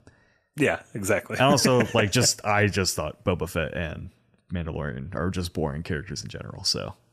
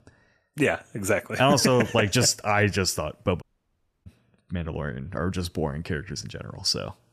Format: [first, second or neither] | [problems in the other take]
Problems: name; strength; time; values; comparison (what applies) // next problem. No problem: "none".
first | audio cutting out; at 3.5 s for 0.5 s